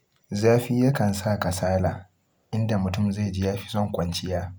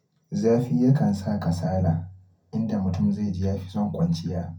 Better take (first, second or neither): first